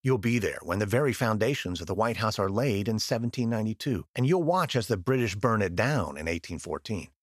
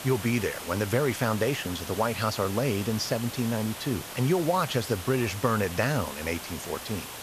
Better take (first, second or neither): first